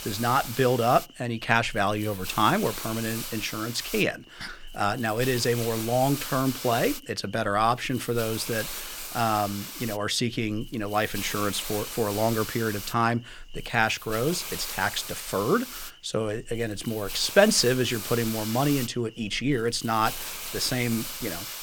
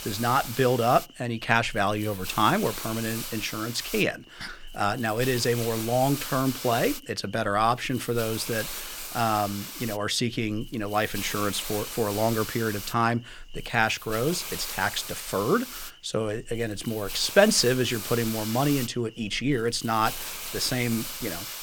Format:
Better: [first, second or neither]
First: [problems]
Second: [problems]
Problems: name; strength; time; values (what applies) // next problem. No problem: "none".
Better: neither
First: hiss; loud; throughout; 9 dB below the speech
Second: hiss; loud; throughout; 9 dB below the speech